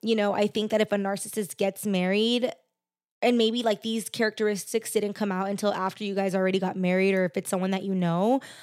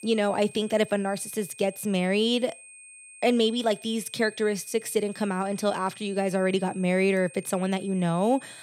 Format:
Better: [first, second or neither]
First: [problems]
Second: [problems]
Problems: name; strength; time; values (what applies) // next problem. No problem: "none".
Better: first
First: none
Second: high-pitched whine; noticeable; throughout; 2.5 kHz, 20 dB below the speech